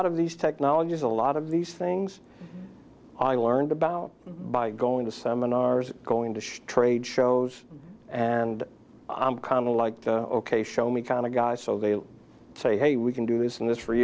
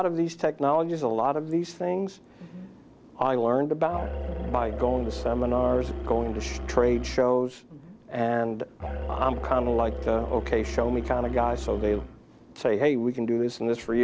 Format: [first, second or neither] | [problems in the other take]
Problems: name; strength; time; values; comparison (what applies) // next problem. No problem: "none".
first | background sound (Musical instrument); 6 dB below the speech